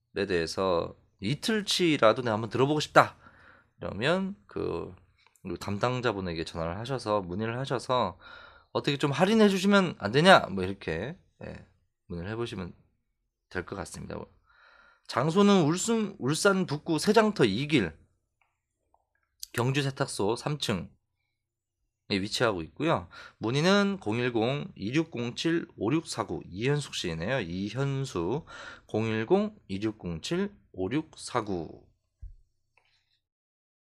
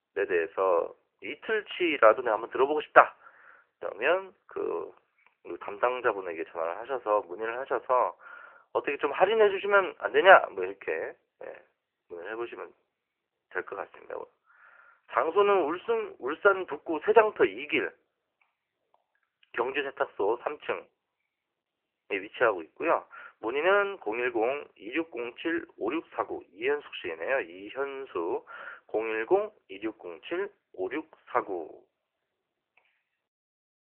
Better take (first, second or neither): first